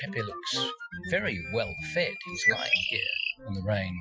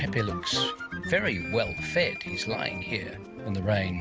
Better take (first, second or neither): second